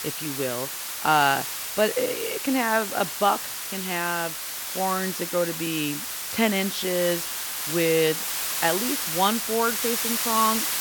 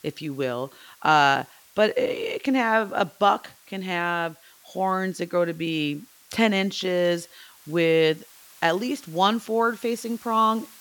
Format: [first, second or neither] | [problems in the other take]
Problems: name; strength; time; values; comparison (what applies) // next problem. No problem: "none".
second | hiss; loud; throughout; 2 dB below the speech; faint in the second